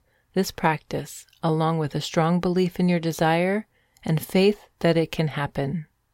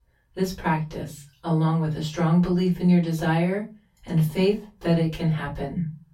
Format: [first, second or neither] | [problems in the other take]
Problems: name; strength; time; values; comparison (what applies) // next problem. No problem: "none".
first | off-mic speech; far // room echo; slight; dies away in 0.3 s